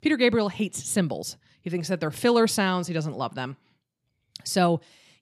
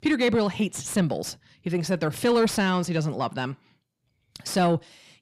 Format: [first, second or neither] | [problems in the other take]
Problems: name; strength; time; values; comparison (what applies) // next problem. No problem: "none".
first | distortion; slight; 10 dB below the speech